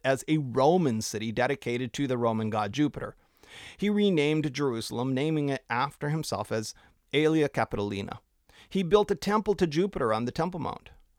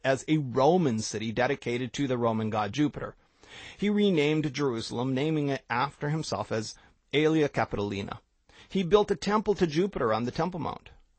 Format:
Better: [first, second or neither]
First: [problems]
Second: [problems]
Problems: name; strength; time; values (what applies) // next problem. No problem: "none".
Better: first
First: none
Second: garbled, watery; slightly; nothing above 8 kHz